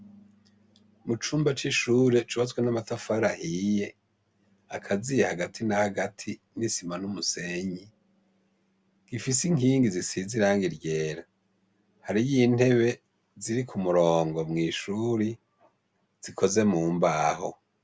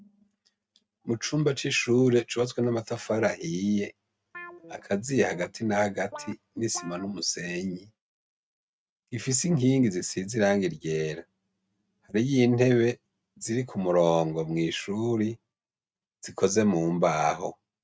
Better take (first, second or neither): first